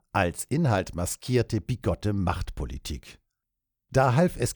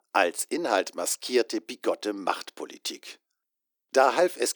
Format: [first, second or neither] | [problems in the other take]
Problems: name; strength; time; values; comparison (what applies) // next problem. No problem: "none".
first | thin; very; fading below 300 Hz